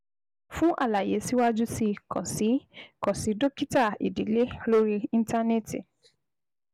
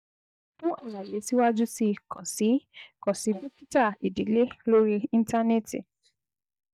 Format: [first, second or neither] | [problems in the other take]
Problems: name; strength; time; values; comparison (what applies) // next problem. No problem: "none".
first | noise reduction (neural mask model DeepFilterNet 3)